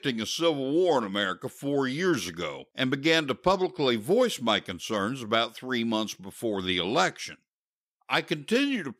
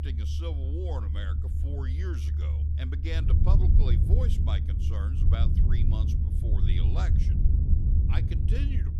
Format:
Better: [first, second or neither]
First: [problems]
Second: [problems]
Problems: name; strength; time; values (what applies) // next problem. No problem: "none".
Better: first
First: none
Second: low rumble; loud; throughout; as loud as the speech